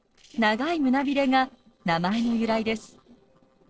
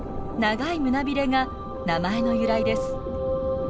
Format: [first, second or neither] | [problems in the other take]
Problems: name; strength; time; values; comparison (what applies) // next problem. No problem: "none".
second | noise reduction (neural separator model SepFormer DNS4)